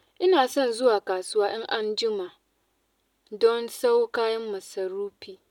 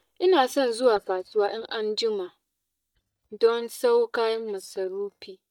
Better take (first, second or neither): first